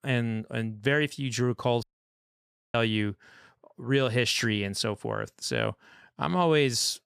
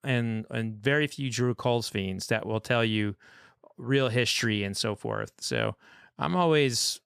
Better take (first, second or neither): second